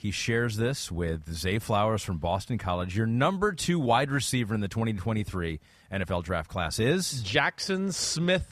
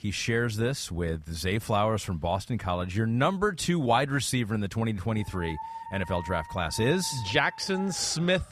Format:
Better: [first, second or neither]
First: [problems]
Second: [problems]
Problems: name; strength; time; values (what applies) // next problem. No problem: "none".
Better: first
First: none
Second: dog barking; faint; from 5 s on; peak 10 dB below the speech